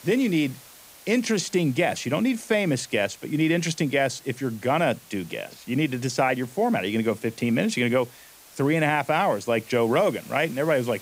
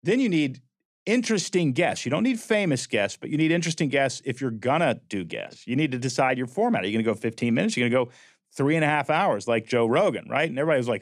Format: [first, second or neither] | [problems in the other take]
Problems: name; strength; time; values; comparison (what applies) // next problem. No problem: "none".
second | hiss; faint; throughout; 20 dB below the speech